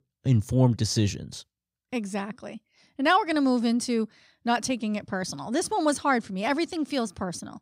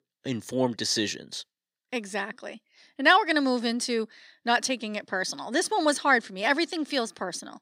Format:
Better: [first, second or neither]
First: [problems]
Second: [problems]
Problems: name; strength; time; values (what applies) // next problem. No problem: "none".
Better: first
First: none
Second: thin; somewhat; fading below 350 Hz